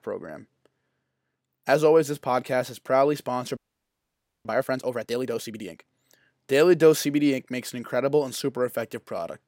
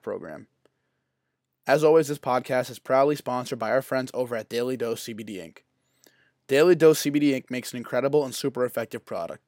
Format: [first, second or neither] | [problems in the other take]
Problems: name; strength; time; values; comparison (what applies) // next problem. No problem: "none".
second | audio freezing; at 3.5 s for 1 s